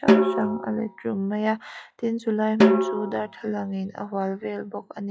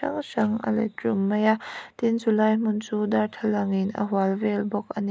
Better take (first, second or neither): second